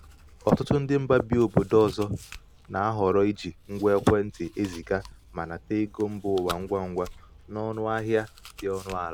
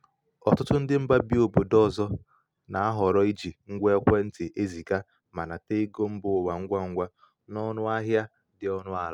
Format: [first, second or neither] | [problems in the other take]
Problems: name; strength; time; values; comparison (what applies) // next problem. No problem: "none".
second | background sound (Chewing, mastication); 20 dB below the speech